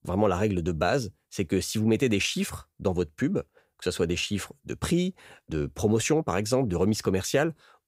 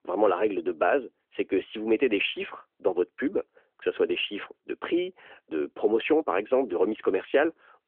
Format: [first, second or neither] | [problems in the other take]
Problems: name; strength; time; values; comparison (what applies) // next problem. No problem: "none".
first | phone-call audio; nothing above 3.5 kHz